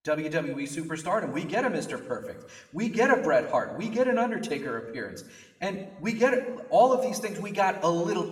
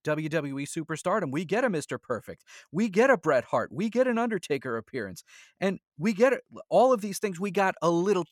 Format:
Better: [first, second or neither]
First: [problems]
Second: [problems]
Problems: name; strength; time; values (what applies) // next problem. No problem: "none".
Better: second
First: room echo; slight; dies away in 0.9 s // off-mic speech; somewhat distant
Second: none